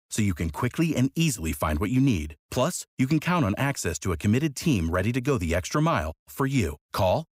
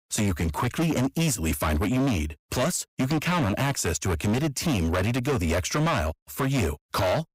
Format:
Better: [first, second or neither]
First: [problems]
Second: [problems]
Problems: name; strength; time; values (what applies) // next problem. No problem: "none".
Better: first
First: none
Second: distortion; heavy; 22% of the sound clipped